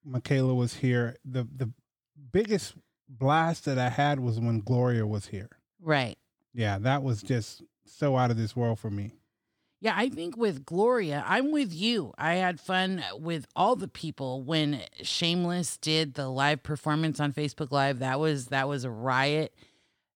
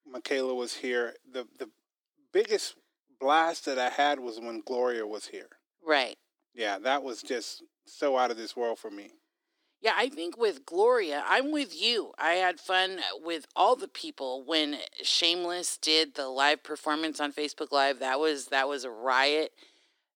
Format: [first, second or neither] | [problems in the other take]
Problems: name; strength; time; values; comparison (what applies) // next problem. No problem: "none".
first | thin; somewhat; fading below 300 Hz